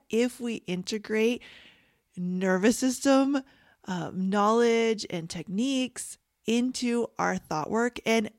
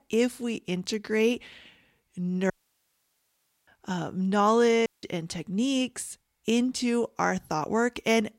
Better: first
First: none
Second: audio cutting out; at 2.5 s for 1 s and at 5 s

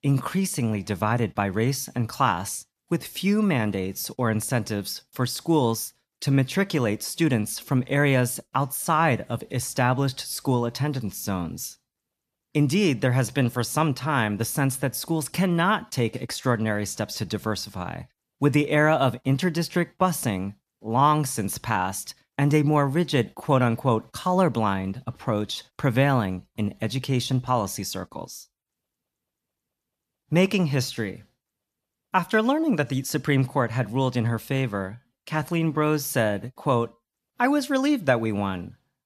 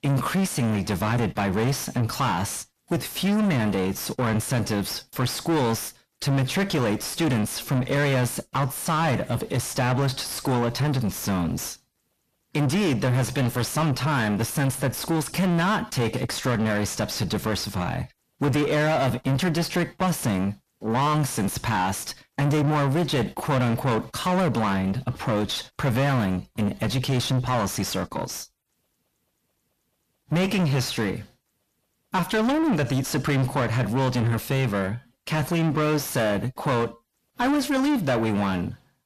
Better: first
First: none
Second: distortion; heavy; 6 dB below the speech

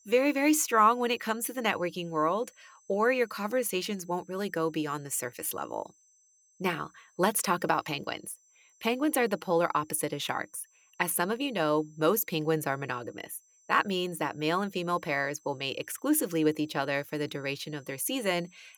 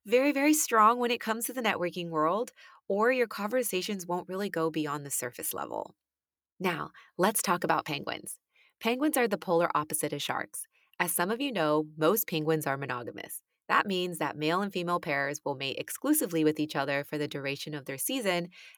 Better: second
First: high-pitched whine; faint; throughout; 6 kHz, 30 dB below the speech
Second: none

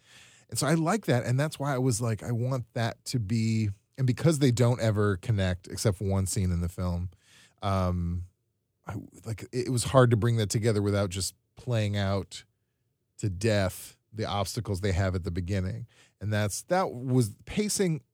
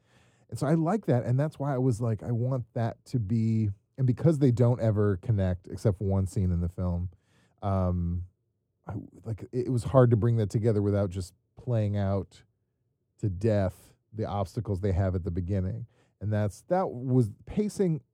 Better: first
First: none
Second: muffled; slightly; fading above 1.5 kHz

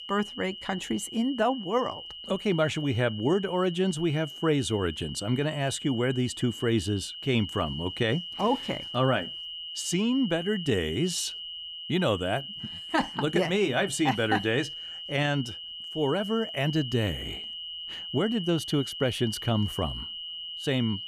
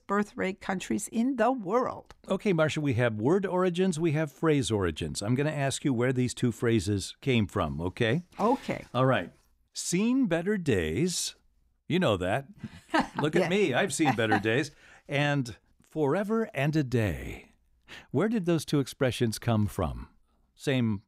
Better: second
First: high-pitched whine; loud; throughout; 3 kHz, 9 dB below the speech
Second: none

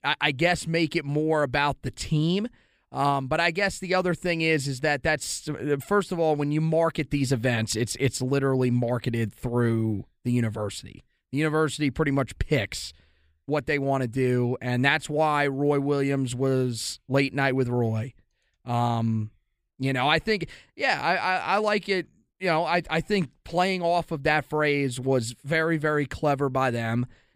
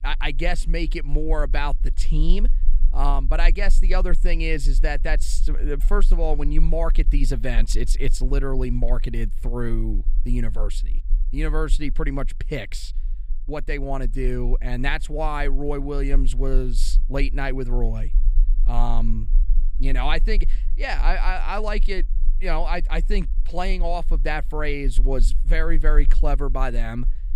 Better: first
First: none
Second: low rumble; faint; throughout; 25 dB below the speech

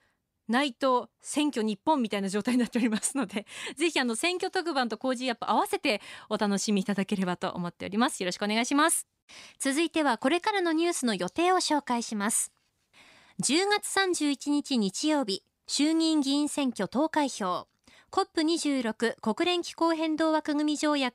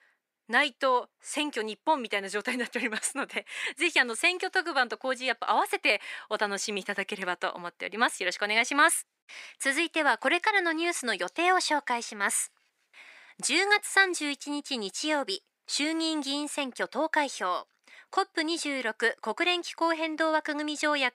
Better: first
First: none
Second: thin; somewhat; fading below 450 Hz

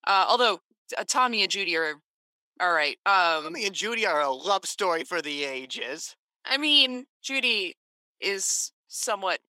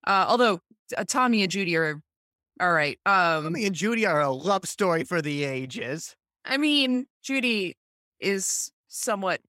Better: second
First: thin; somewhat; fading below 300 Hz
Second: none

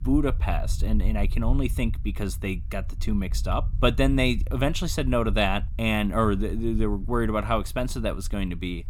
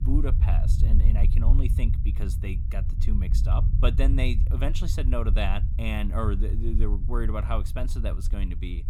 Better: first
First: low rumble; faint; throughout; 20 dB below the speech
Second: low rumble; loud; throughout; 8 dB below the speech

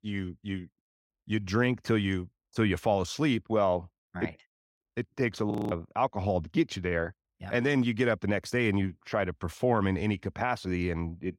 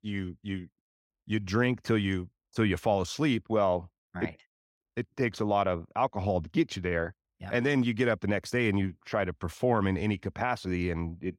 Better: second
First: audio freezing; at 5.5 s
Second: none

